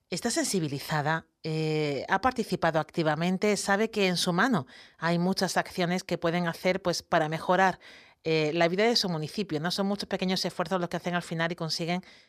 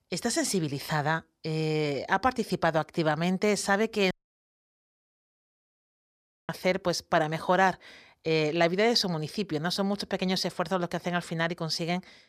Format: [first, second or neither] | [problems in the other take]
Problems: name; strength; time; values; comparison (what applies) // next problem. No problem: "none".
first | audio cutting out; at 4 s for 2.5 s